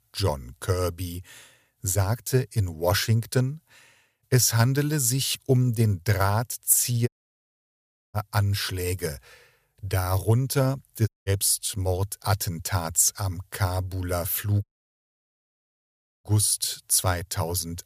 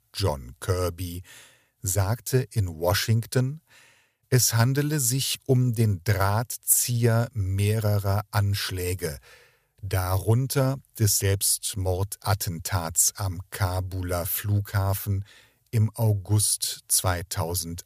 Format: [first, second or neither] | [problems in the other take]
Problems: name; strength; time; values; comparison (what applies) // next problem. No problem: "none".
second | audio cutting out; at 7 s for 1 s, at 11 s and at 15 s for 1.5 s